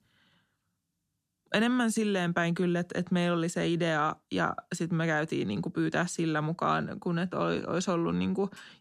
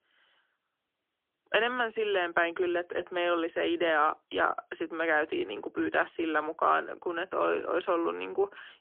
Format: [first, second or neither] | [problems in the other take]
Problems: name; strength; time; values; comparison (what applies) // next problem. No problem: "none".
first | phone-call audio; poor line; nothing above 3.5 kHz